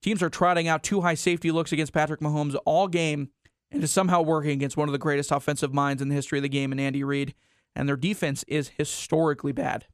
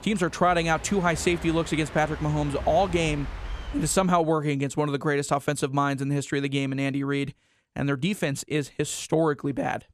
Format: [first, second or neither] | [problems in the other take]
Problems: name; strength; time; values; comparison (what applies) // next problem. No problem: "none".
first | train or aircraft noise; noticeable; until 4 s; 15 dB below the speech